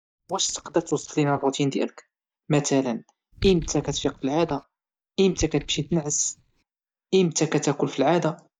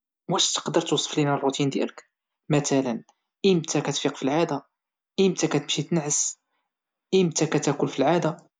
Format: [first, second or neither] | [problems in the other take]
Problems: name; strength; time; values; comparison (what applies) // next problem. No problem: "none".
second | noise reduction (neural mask model DeepFilterNet 3)